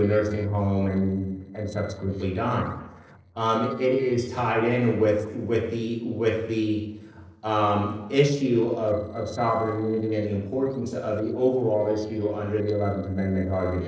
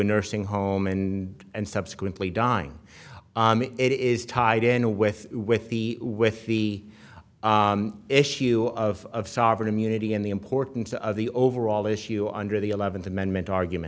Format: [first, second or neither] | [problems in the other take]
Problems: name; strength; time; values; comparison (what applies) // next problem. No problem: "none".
second | noise reduction (neural separator model SepFormer DNS4)